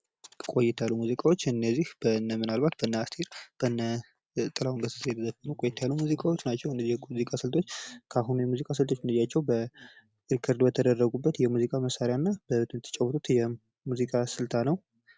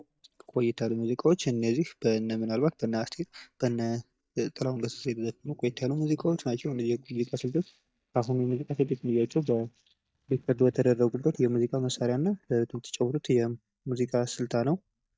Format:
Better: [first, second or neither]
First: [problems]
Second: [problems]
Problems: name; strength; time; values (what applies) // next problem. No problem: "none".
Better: first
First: none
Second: noise reduction (neural mask model DeepFilterNet 3)